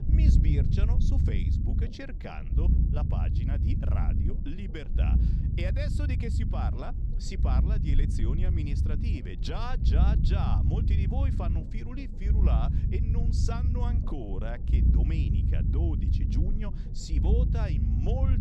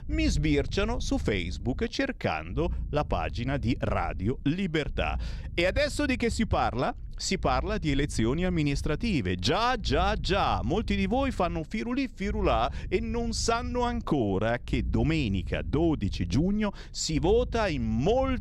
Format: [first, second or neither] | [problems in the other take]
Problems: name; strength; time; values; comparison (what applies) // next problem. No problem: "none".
second | low rumble; loud; throughout; 1 dB below the speech; faint in the second